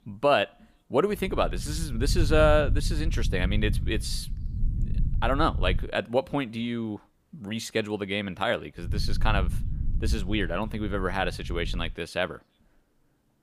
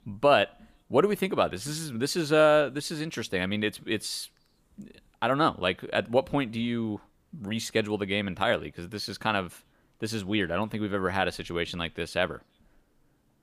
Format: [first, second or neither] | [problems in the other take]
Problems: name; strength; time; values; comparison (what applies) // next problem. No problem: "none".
second | low rumble; noticeable; from 1 to 6 s and from 9 to 12 s; 20 dB below the speech